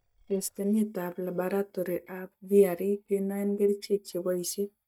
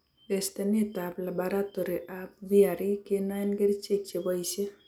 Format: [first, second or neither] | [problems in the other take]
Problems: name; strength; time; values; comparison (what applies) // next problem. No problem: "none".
second | noise reduction (neural mask model DeepFilterNet 3)